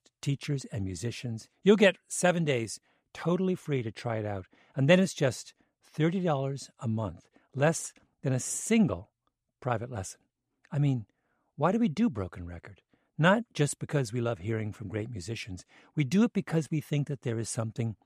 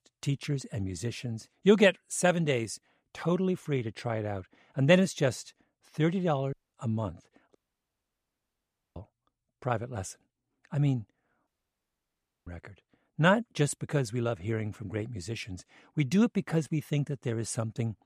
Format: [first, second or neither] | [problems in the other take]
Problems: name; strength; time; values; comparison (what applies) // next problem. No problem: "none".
first | audio cutting out; at 6.5 s, at 7.5 s for 1.5 s and at 11 s for 1 s